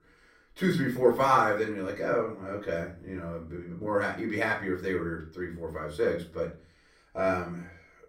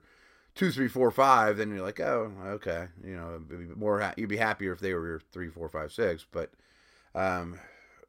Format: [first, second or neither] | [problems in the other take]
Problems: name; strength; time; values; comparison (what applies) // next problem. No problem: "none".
second | room echo; slight; dies away in 0.3 s // off-mic speech; far